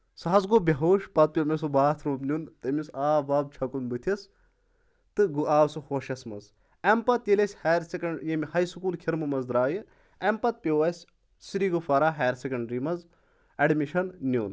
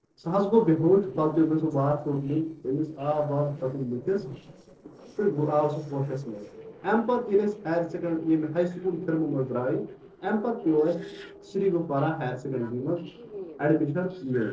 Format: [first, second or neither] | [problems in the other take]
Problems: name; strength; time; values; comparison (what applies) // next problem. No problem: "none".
first | noise reduction (neural separator model SepFormer DNS4)